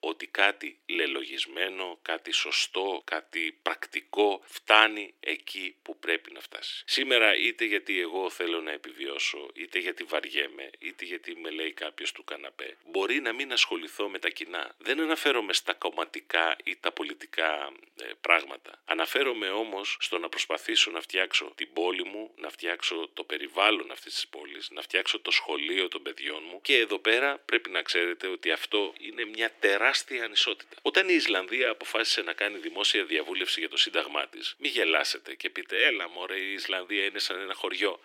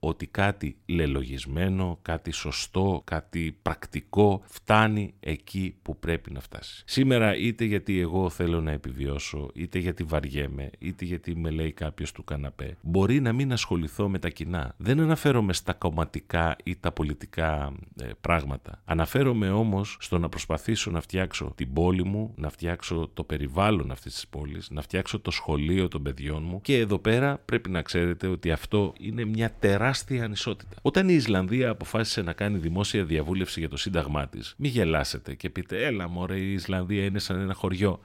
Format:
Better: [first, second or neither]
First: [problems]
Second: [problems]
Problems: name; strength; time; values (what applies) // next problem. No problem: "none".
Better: second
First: thin; very; fading below 300 Hz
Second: none